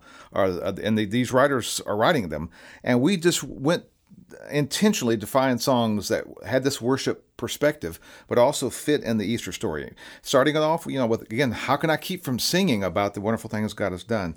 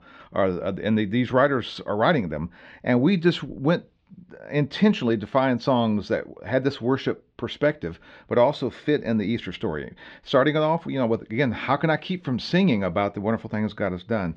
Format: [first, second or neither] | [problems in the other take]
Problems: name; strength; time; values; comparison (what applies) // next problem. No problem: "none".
first | muffled; slightly; fading above 3.5 kHz